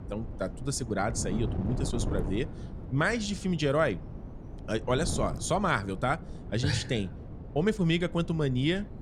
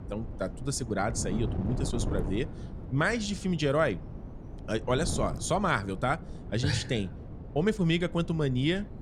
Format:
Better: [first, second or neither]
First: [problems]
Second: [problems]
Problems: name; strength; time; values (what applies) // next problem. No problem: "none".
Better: neither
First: wind noise on the microphone; occasional gusts; 15 dB below the speech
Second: wind noise on the microphone; occasional gusts; 15 dB below the speech